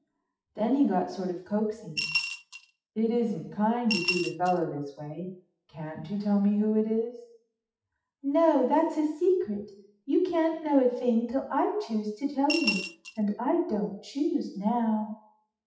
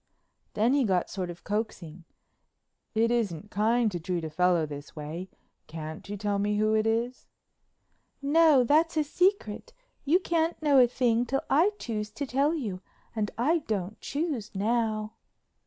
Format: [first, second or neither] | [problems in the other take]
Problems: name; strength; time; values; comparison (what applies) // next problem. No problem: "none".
second | noise reduction (classical method WPE with log-MMSE)